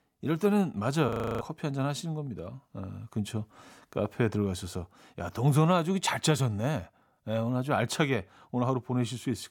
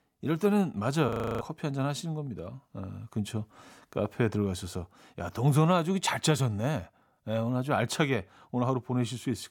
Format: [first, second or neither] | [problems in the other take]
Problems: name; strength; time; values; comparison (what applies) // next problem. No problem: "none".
neither | audio freezing; at 1 s; the same in both